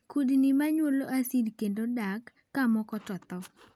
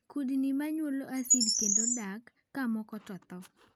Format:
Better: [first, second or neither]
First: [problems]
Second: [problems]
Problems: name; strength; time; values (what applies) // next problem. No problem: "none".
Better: first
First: none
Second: background sound (Bird); 3 dB above the speech